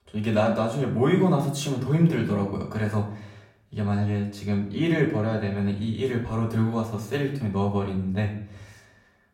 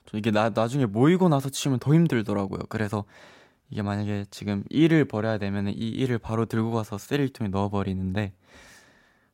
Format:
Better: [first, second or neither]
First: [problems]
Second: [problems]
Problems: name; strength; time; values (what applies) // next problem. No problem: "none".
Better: second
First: off-mic speech; far // room echo; slight; dies away in 0.5 s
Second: none